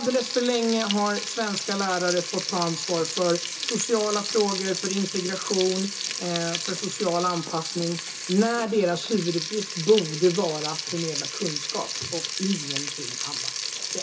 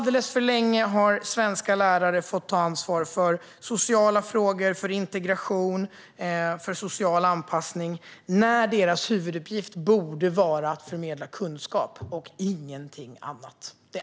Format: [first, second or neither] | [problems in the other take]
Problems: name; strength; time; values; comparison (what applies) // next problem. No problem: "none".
second | background sound (Frying (food)); 5 dB below the speech // room echo; dies away in 0.2 s